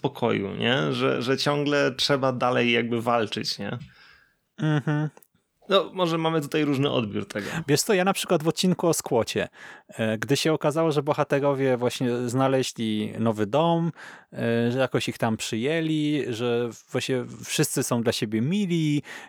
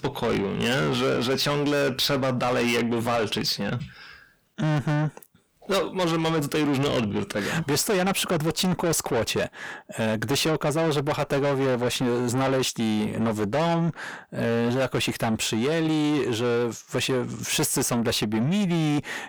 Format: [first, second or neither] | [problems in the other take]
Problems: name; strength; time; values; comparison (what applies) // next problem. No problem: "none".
first | distortion; heavy; 6 dB below the speech